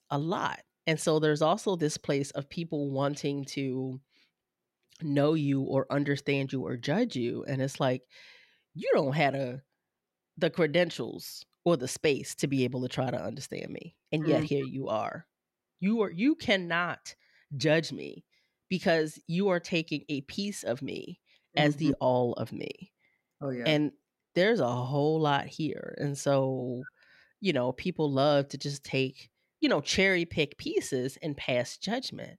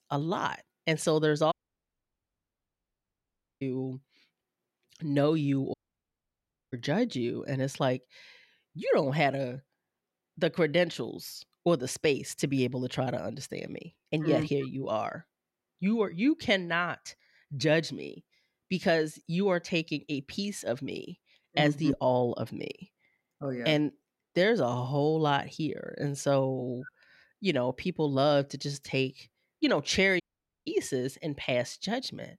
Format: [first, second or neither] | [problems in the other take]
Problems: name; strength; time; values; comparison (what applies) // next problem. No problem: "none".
first | audio cutting out; at 1.5 s for 2 s, at 5.5 s for 1 s and at 30 s